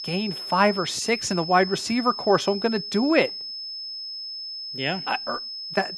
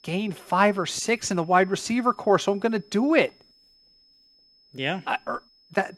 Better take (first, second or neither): second